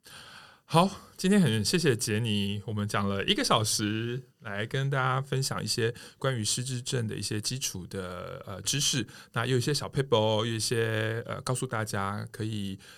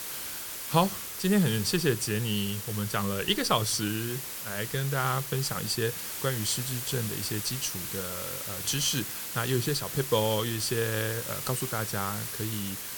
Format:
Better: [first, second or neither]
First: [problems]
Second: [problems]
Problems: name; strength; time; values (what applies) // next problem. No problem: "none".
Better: first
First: none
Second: hiss; loud; throughout; 4 dB below the speech